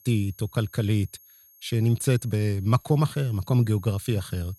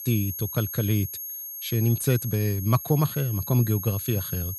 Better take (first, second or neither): first